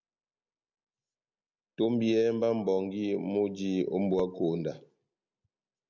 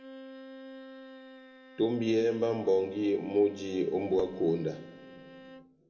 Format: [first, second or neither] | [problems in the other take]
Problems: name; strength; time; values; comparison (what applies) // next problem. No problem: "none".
first | background sound (Bowed string instrument); 19 dB below the speech // room echo; dies away in 1.7 s